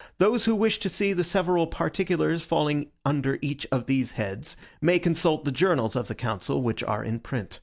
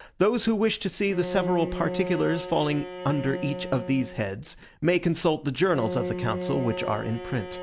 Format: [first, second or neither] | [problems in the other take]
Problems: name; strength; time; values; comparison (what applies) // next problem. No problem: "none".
first | background sound (Bowed string instrument); 9 dB below the speech